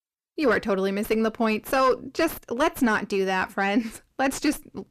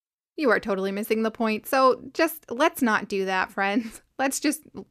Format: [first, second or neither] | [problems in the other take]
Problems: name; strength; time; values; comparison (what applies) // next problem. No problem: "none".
second | distortion; slight; 10 dB below the speech